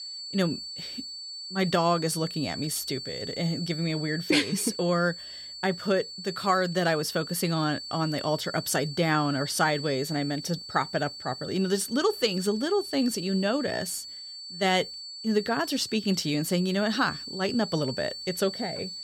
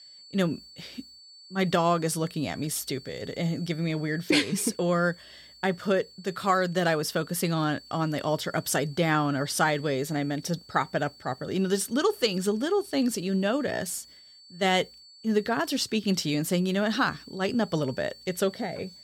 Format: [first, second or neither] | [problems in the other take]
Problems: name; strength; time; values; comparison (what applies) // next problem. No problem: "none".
second | high-pitched whine; loud; throughout; 4.5 kHz, 9 dB below the speech; faint in the second